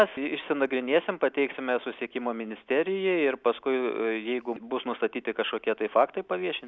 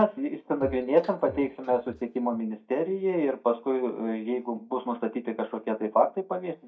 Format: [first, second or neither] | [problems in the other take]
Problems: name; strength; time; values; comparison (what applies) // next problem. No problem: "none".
first | noise reduction (neural mask model DeepFilterNet 3)